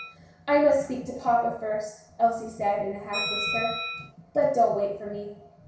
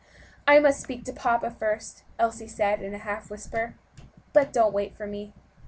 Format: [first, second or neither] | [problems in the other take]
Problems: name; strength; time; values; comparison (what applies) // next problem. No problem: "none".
second | background sound (Bell); 11 dB below the speech // room echo; dies away in 0.6 s